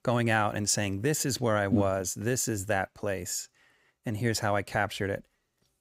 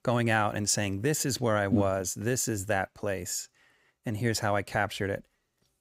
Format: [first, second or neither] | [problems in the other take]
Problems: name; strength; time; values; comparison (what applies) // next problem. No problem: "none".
neither | none